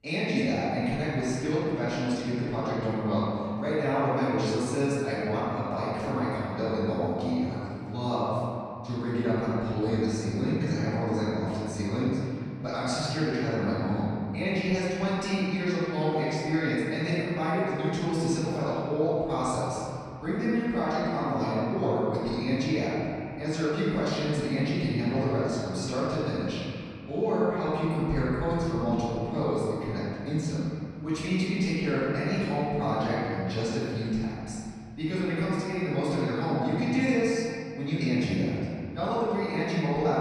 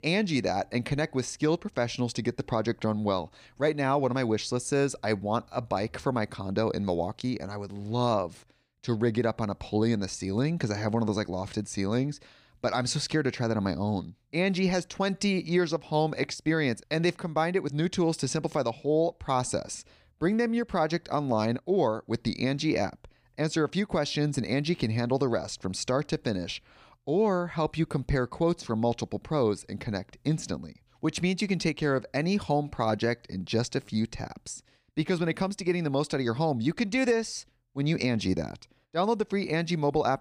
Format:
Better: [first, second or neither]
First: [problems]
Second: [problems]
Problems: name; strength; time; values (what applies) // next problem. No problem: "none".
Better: second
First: off-mic speech; far // room echo; strong; dies away in 2.5 s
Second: none